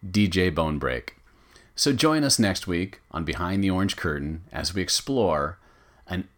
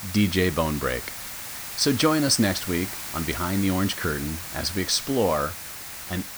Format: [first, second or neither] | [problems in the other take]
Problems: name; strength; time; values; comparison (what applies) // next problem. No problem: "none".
first | hiss; loud; throughout; 8 dB below the speech